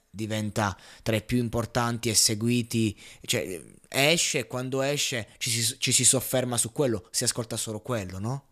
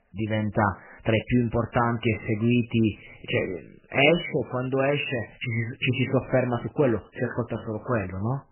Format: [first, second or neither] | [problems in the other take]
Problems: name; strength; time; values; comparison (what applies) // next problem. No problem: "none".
first | garbled, watery; badly; nothing above 3 kHz